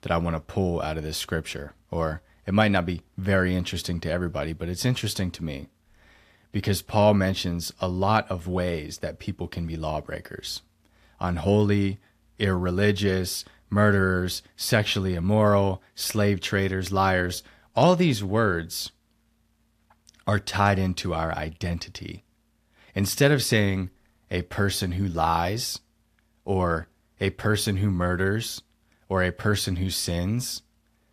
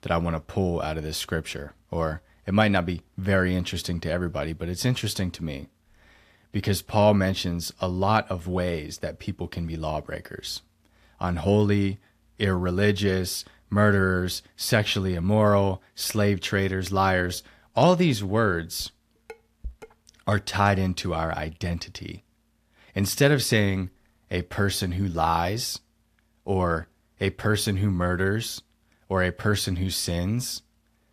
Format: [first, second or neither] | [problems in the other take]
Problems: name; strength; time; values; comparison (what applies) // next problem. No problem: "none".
first | clattering dishes; faint; from 19 to 20 s; peak 20 dB below the speech